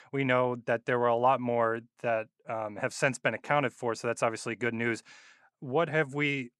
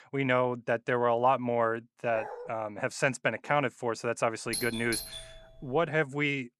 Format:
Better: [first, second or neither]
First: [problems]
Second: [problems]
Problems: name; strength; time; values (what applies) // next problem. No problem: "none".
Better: first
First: none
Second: dog barking; faint; at 2 s; peak 10 dB below the speech // doorbell; noticeable; from 4.5 to 6 s; peak 6 dB below the speech